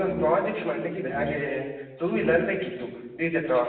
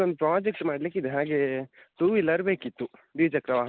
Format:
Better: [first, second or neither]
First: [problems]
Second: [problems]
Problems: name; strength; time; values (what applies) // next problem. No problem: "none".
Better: second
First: background sound (Brass instrument); 13 dB below the speech // room echo; dies away in 1.1 s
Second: none